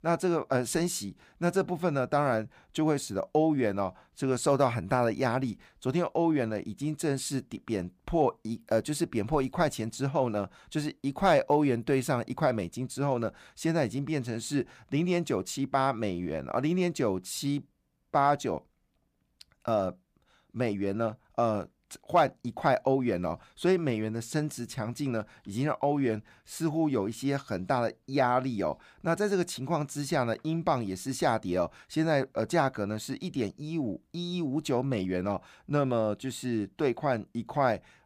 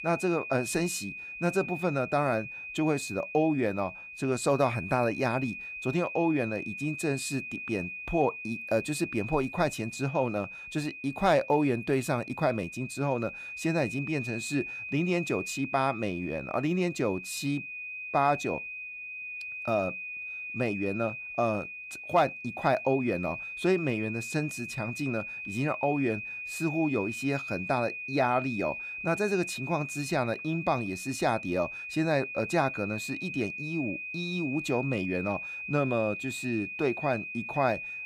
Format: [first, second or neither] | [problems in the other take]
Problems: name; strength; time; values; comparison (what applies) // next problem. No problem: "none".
first | high-pitched whine; loud; throughout; 2.5 kHz, 7 dB below the speech